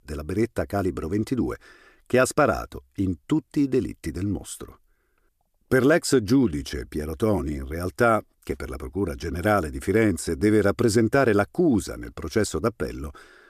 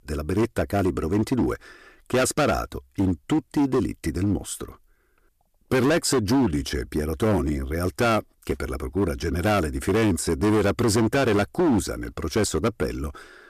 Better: first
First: none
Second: distortion; heavy; 12% of the sound clipped

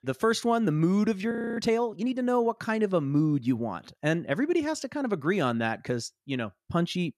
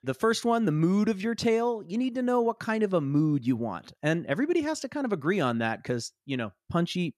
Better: second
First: audio freezing; at 1.5 s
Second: none

